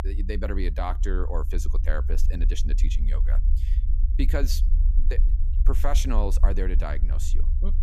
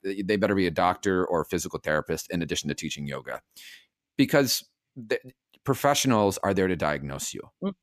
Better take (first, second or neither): second